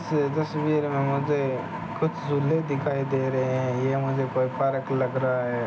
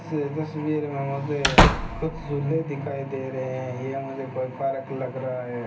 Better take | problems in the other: first | background sound (Slam / Wood); 4 dB above the speech // room echo; dies away in 0.3 s

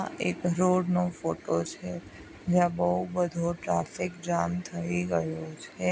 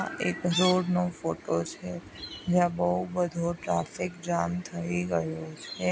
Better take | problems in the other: first | background sound (Chirp, tweet); 14 dB below the speech

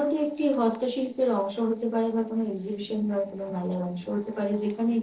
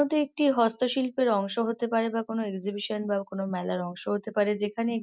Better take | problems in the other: second | noise reduction (neural separator model SepFormer DNS4)

